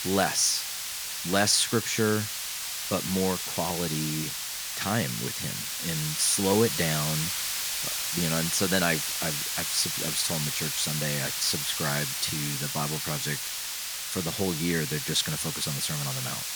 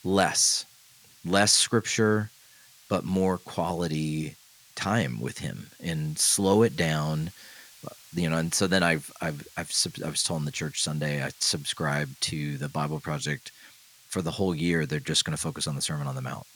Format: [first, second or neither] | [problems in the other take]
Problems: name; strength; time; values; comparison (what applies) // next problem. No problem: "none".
second | hiss; loud; throughout; 1 dB below the speech; faint in the second